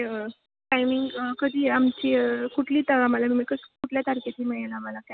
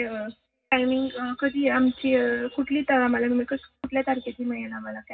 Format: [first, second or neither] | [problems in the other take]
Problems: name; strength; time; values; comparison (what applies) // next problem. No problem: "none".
first | room echo; dies away in 0.4 s